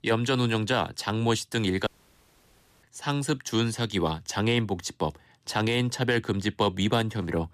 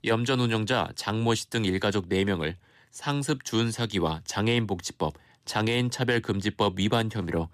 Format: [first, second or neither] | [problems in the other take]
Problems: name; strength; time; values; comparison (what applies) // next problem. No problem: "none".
second | audio cutting out; at 2 s for 1 s